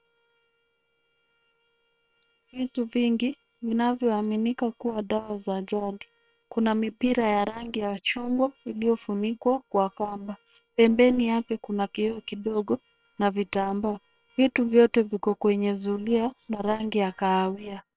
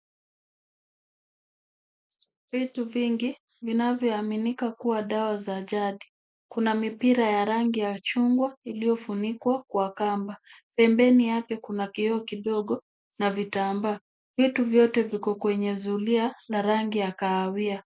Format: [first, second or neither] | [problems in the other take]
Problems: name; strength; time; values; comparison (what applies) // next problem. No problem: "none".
second | noise reduction (neural separator model SepFormer WHAM!)